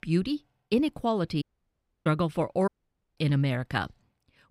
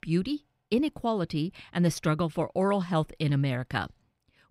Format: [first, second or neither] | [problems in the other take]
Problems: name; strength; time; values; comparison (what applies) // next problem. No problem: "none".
second | audio cutting out; at 1.5 s for 0.5 s and at 2.5 s